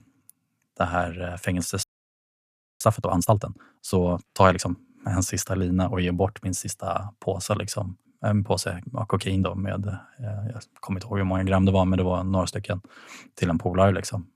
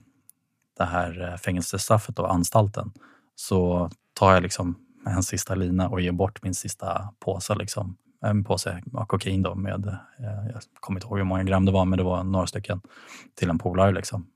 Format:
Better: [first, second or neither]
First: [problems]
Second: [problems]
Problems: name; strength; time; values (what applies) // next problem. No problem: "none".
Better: second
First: audio freezing; at 2 s for 1 s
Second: none